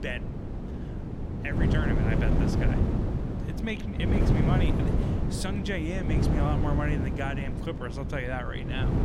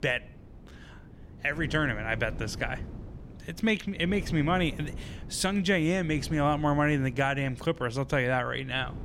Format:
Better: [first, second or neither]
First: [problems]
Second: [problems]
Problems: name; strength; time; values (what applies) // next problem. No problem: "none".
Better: second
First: wind noise on the microphone; heavy; 1 dB below the speech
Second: wind noise on the microphone; occasional gusts; 20 dB below the speech